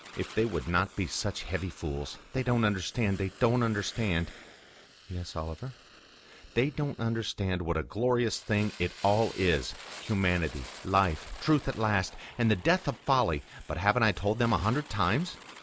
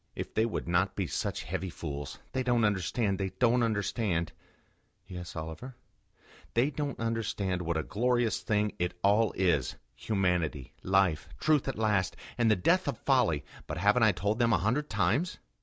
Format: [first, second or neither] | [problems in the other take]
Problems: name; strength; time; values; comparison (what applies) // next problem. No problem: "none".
second | background sound (Fire); 20 dB below the speech